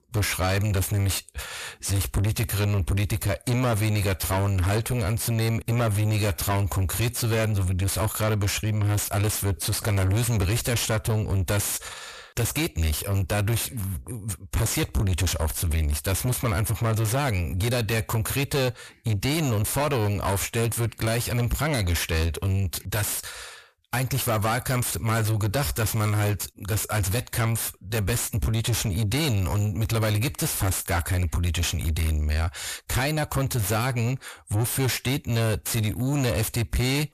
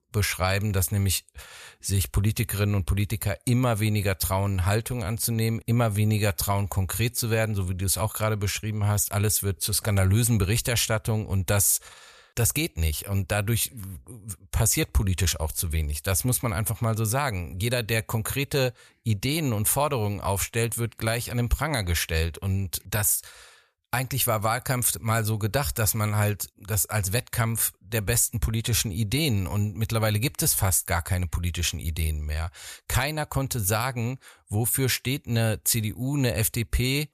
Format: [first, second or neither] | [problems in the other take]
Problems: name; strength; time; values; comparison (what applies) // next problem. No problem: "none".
second | distortion; heavy; 6 dB below the speech